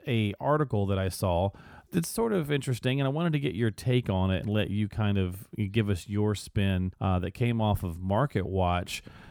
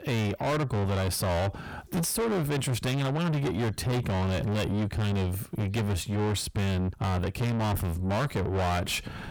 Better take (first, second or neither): first